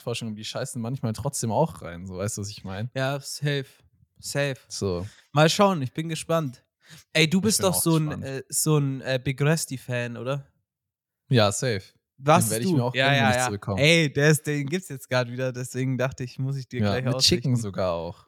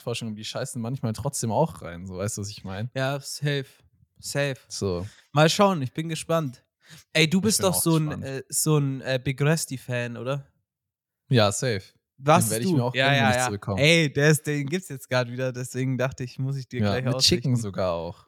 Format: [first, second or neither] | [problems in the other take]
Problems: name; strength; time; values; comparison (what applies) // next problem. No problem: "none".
neither | none